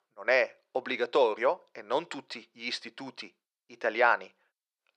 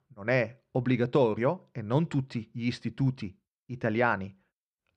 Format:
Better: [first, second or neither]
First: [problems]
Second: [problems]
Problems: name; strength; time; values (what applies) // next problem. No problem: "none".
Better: second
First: thin; very; fading below 500 Hz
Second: none